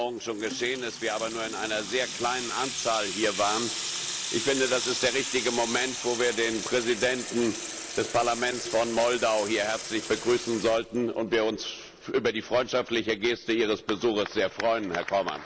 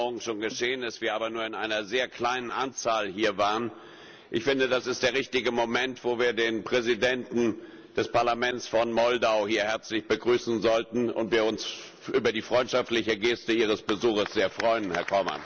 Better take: second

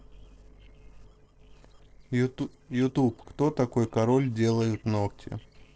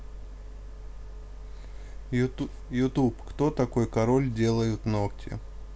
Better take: second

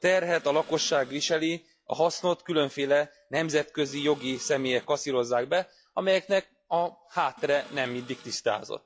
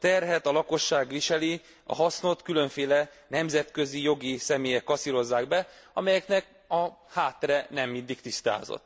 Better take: second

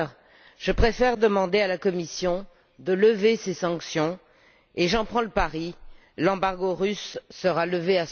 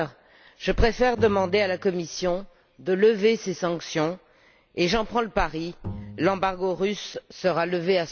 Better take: first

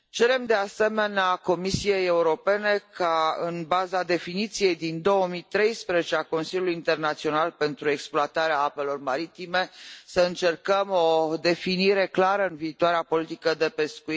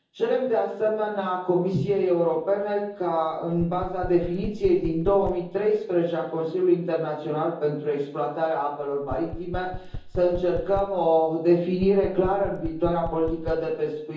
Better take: first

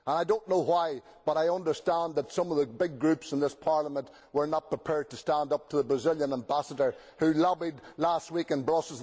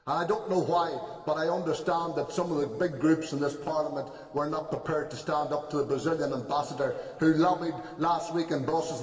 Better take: first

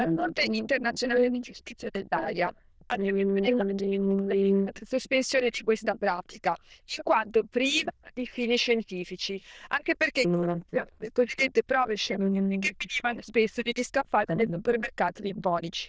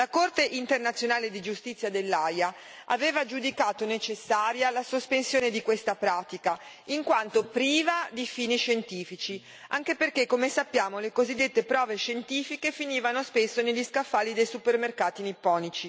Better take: second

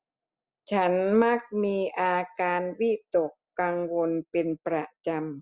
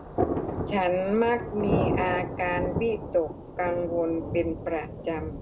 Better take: first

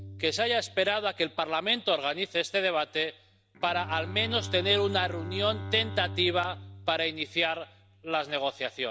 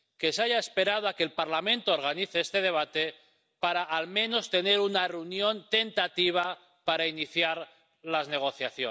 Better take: second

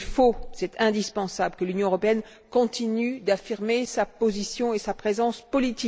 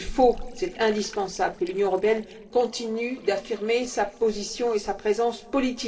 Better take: first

